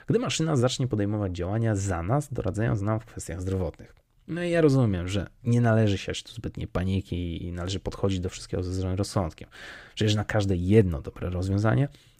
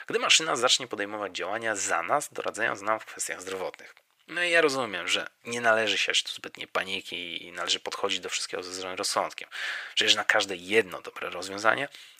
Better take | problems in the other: first | thin; very; fading below 800 Hz

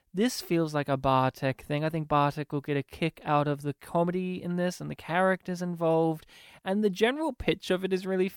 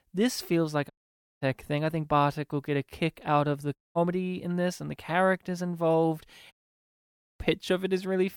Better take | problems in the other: first | audio cutting out; at 1 s for 0.5 s, at 4 s and at 6.5 s for 1 s

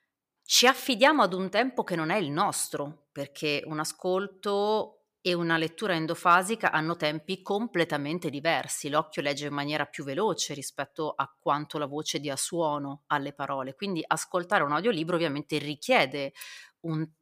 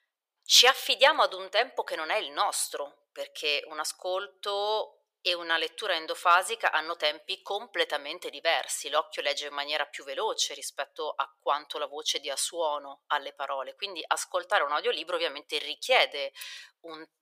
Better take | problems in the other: first | thin; very; fading below 500 Hz

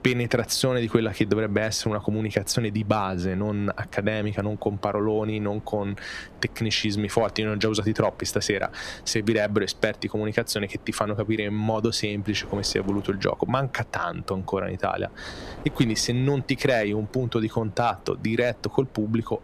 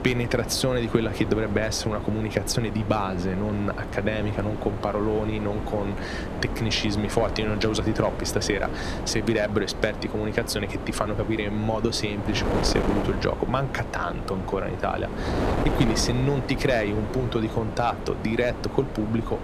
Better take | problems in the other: first | wind noise on the microphone; heavy; 6 dB below the speech; occasional gusts in the first

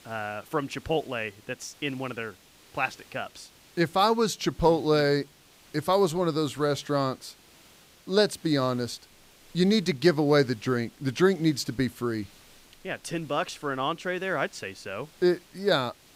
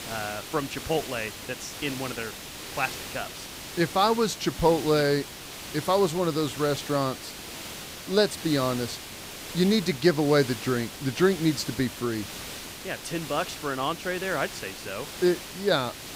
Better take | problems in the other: first | hiss; loud; throughout; 10 dB below the speech; faint in the first

